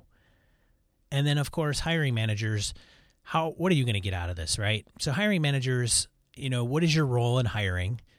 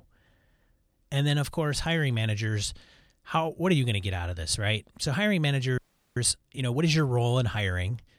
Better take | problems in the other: first | audio freezing; at 6 s

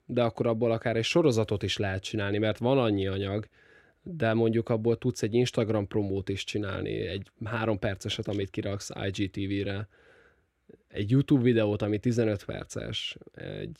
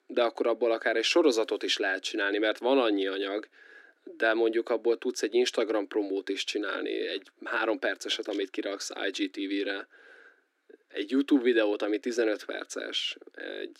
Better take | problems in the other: first | thin; somewhat; fading below 250 Hz

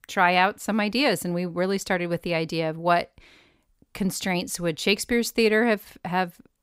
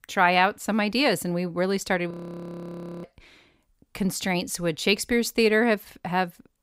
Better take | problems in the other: first | audio freezing; at 2 s for 1 s

